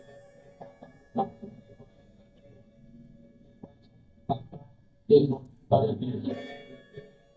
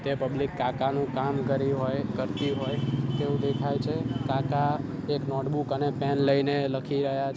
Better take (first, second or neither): second